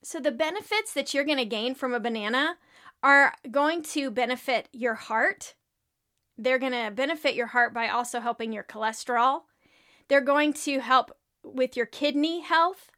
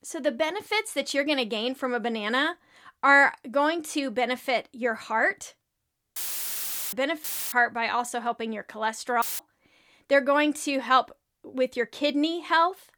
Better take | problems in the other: first | audio cutting out; filled with static; at 6 s for 1 s, at 7 s and at 9 s

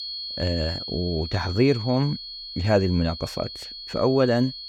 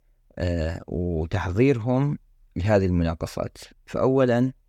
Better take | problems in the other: second | high-pitched whine; loud; throughout; 4.5 kHz, 9 dB below the speech

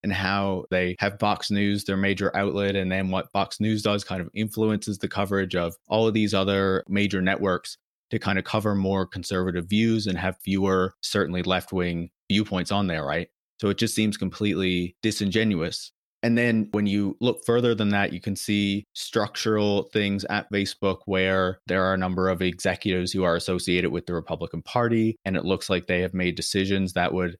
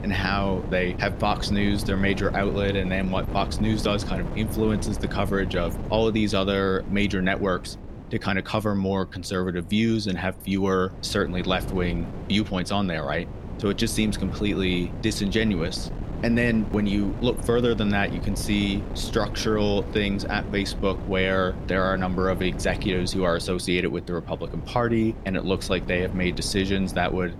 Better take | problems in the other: first | wind noise on the microphone; occasional gusts; 15 dB below the speech

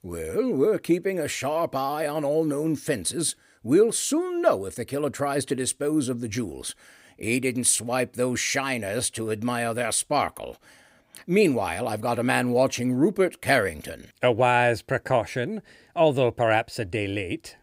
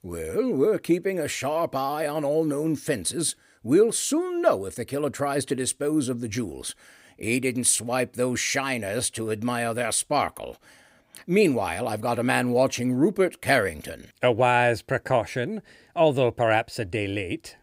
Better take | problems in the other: neither | none

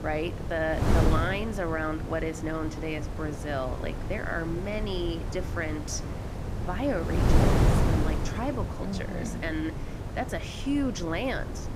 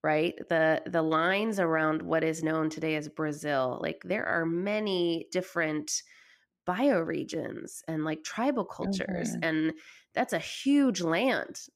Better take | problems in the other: second | wind noise on the microphone; heavy; 4 dB below the speech

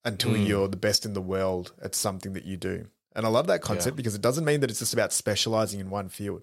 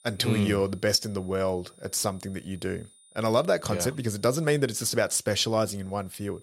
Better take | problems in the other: first | high-pitched whine; faint; throughout; 9.5 kHz, 30 dB below the speech

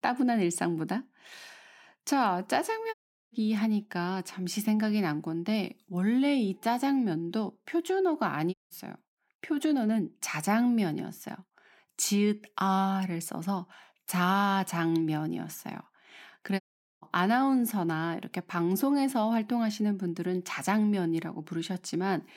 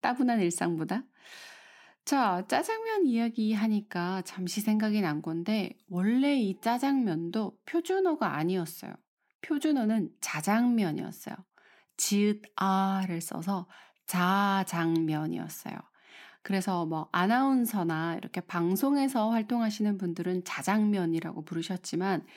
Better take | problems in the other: second | audio cutting out; at 3 s, at 8.5 s and at 17 s

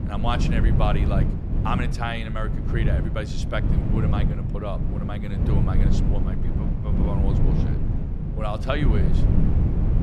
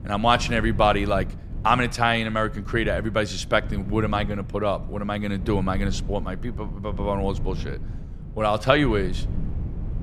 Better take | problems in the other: second | low rumble; loud; throughout; 4 dB below the speech; faint in the second

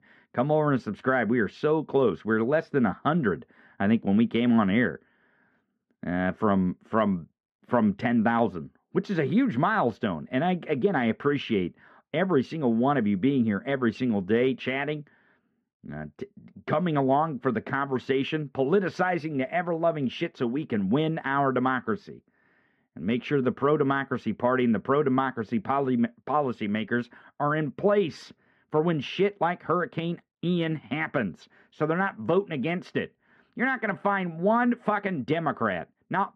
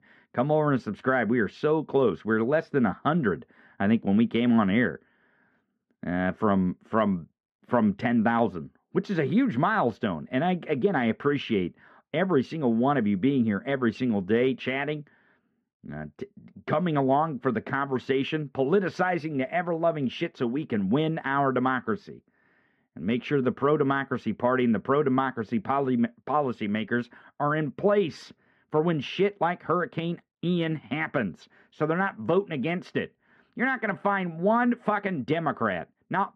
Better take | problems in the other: neither | muffled; very; fading above 1.5 kHz; the same in both

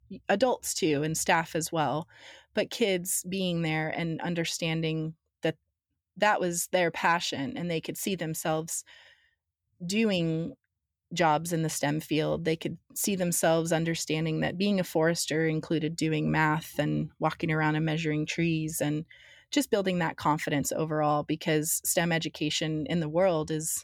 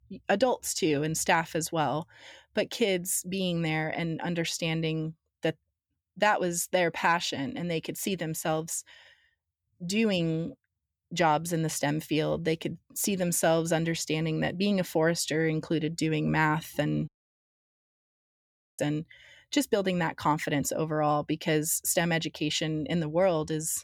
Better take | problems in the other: first | audio cutting out; at 17 s for 1.5 s

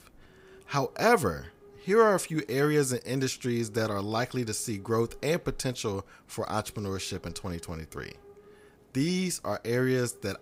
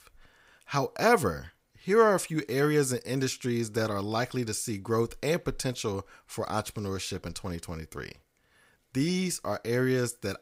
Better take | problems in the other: second | hiss; faint; throughout; 25 dB below the speech

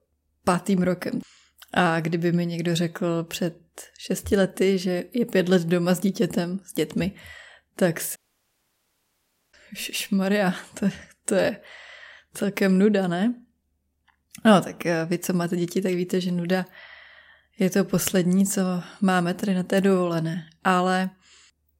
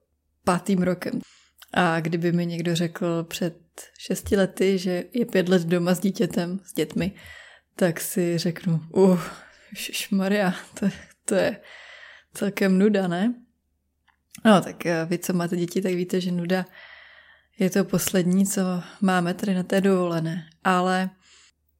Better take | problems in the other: second | audio cutting out; at 8 s for 1.5 s

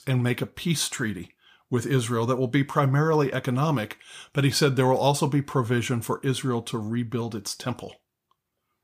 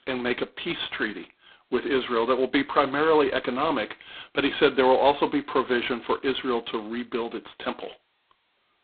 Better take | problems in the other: first | phone-call audio; poor line; nothing above 4 kHz

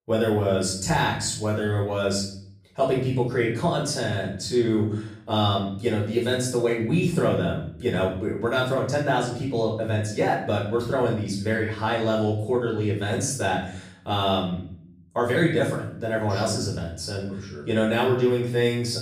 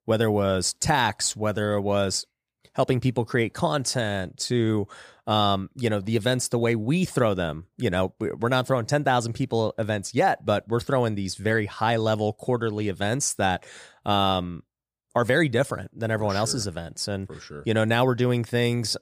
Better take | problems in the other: second | off-mic speech; far // room echo; noticeable; dies away in 0.6 s

